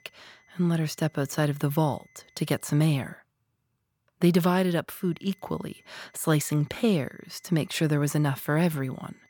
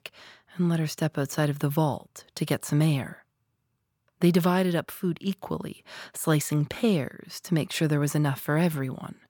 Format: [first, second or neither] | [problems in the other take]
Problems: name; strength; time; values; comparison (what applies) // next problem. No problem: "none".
second | high-pitched whine; faint; until 3 s and from 5 s on; 2 kHz, 35 dB below the speech